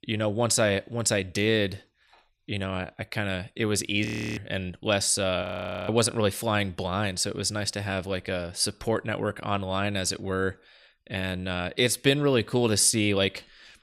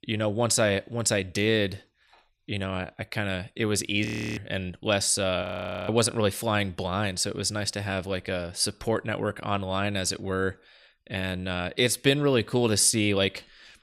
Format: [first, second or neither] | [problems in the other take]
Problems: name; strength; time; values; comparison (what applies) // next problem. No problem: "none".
neither | audio freezing; at 4 s and at 5.5 s; the same in both